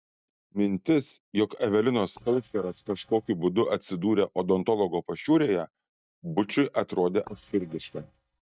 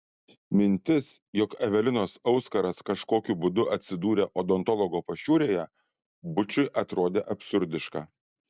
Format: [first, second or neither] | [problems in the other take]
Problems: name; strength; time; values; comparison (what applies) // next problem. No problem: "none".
second | noise reduction (neural mask model DeepFilterNet 3)